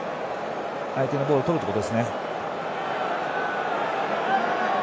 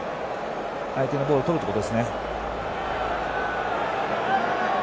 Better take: first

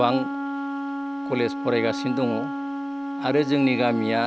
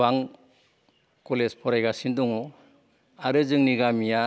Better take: second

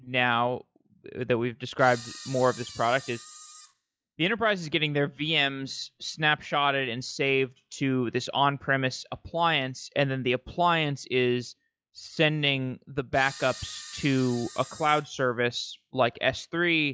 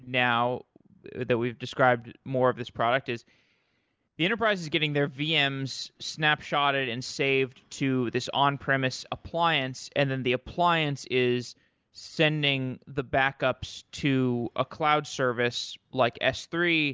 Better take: second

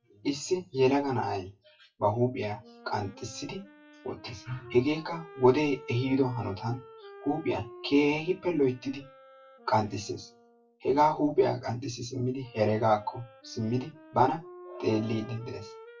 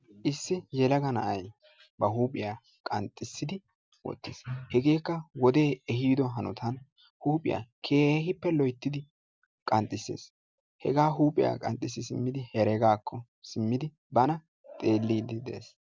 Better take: second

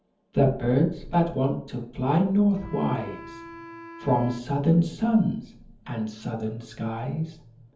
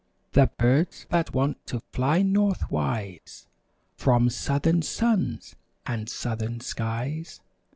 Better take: second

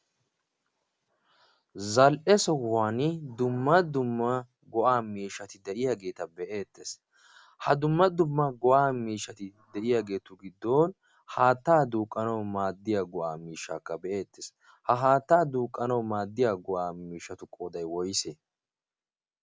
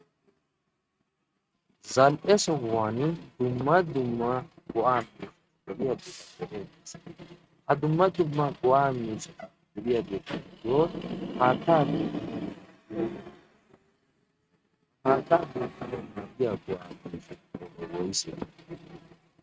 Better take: first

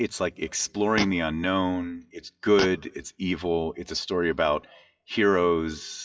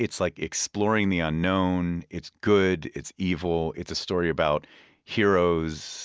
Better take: second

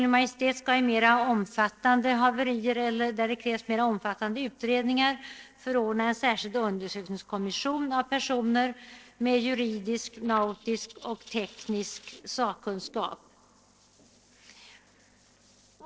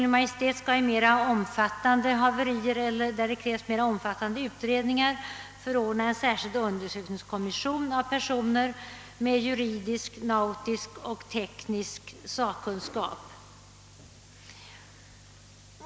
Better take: second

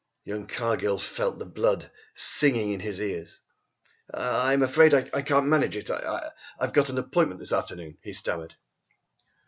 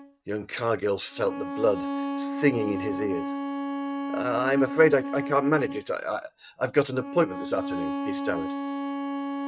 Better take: first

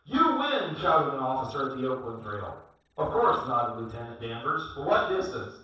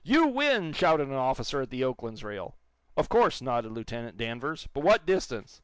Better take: second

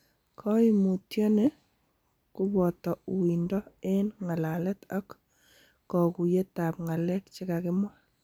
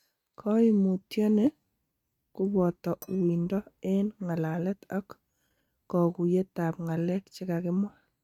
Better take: first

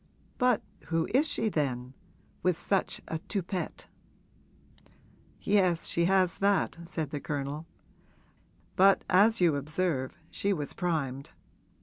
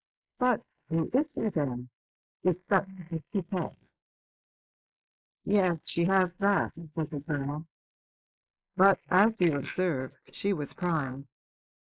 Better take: first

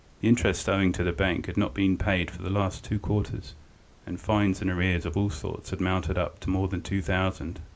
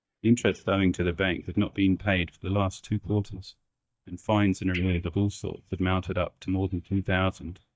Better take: first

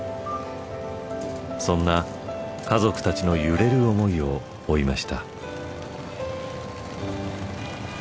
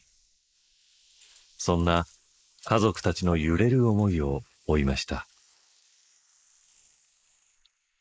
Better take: first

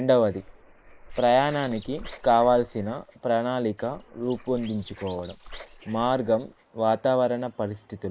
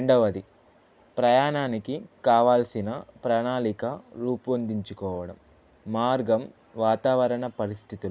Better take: second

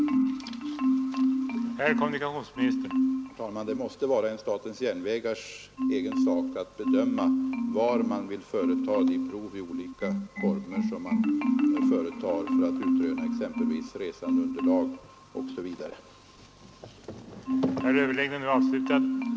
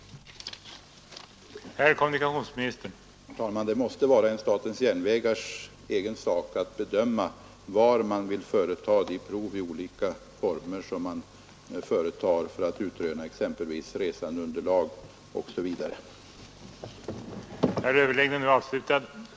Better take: second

